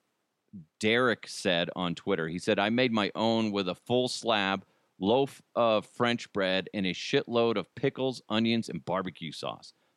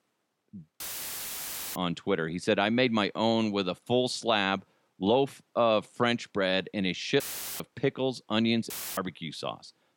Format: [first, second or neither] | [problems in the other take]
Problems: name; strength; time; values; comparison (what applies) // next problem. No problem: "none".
first | audio cutting out; filled with static; at 1 s for 1 s, at 7 s and at 8.5 s